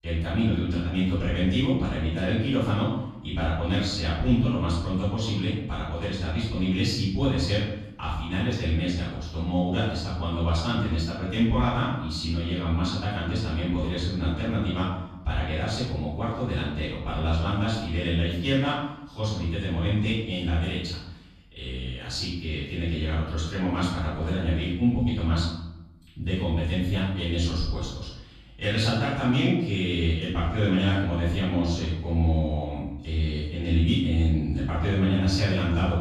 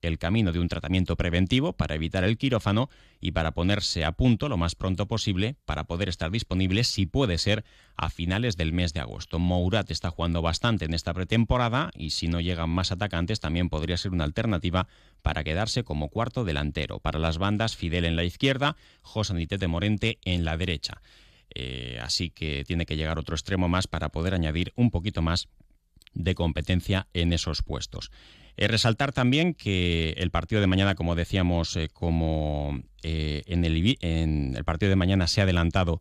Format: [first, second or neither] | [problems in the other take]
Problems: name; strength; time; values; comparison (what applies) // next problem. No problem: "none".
second | off-mic speech; far // room echo; strong; dies away in 0.7 s